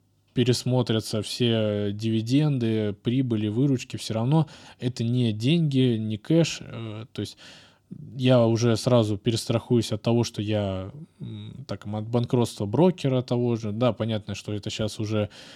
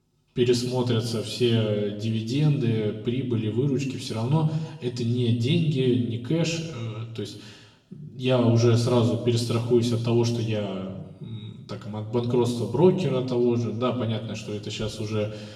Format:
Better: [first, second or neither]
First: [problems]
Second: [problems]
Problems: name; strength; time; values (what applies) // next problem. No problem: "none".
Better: first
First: none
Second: room echo; noticeable; dies away in 0.9 s // off-mic speech; far